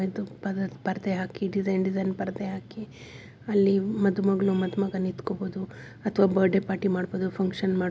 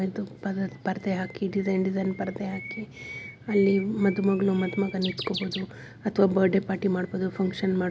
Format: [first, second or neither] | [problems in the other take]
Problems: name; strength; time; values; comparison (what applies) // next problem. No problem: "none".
first | background sound (Bird); 17 dB below the speech